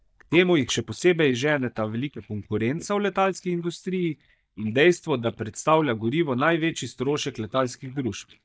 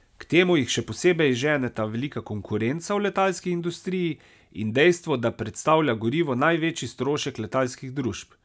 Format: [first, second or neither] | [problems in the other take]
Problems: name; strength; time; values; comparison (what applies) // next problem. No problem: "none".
second | noise reduction (neural mask model DeepFilterNet 3)